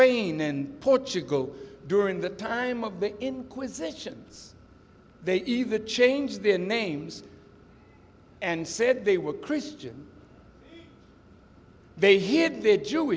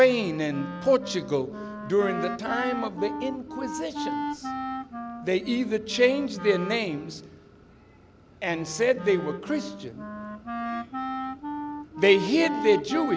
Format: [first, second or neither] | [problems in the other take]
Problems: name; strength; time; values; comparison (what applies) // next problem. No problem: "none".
first | background sound (Wind instrument, woodwind instrument); 8 dB below the speech